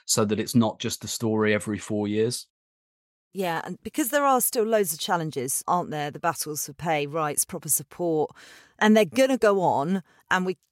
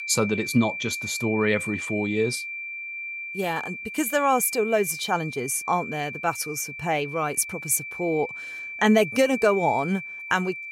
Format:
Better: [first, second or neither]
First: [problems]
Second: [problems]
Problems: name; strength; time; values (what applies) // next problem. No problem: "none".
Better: first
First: none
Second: high-pitched whine; loud; throughout; 2.5 kHz, 7 dB below the speech